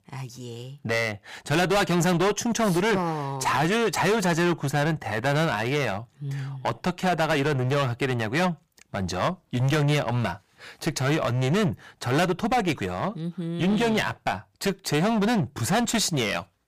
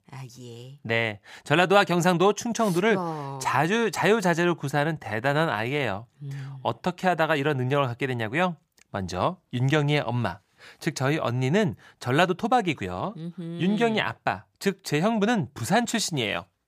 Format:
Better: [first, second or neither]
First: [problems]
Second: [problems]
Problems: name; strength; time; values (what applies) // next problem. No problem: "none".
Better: second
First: distortion; heavy; 15% of the sound clipped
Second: none